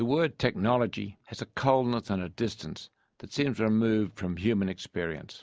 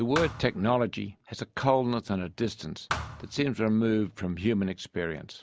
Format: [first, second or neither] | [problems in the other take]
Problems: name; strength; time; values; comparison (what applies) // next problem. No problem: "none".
first | background sound (Thump, thud); 10 dB below the speech